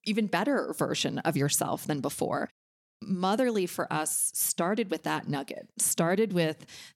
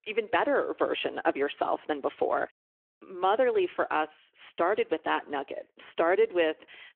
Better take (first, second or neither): first